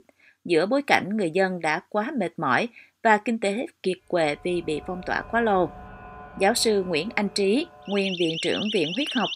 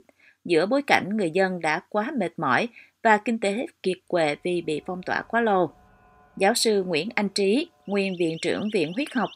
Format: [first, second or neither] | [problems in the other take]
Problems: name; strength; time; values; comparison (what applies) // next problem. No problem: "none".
second | alarms or sirens; loud; from 5 s on; 9 dB below the speech; faint in the second